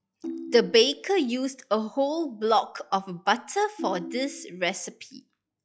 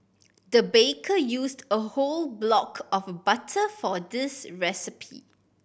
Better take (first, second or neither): second